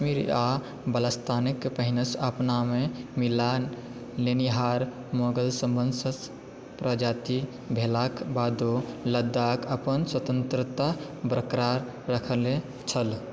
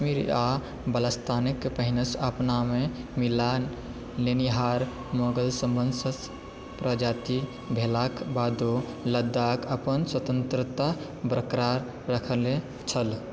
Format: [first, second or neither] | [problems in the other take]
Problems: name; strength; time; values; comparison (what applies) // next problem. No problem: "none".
first | background sound (Subway, metro, underground); 17 dB below the speech